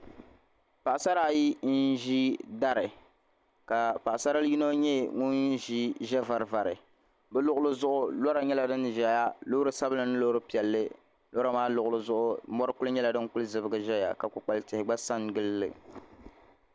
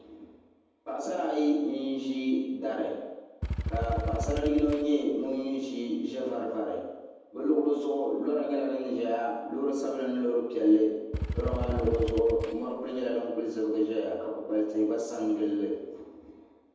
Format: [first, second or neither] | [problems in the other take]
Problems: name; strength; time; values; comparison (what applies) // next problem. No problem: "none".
first | background sound (Motorcycle / Engine); 4 dB below the speech // room echo; dies away in 1.1 s